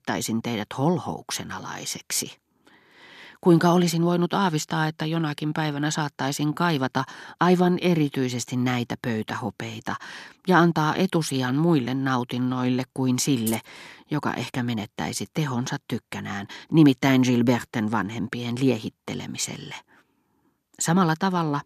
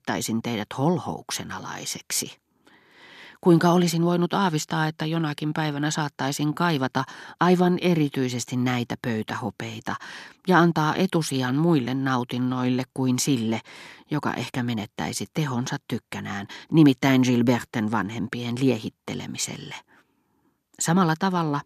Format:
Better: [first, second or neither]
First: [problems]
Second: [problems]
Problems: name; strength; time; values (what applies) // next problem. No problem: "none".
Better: second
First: jangling keys; noticeable; at 13 s; peak 10 dB below the speech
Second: none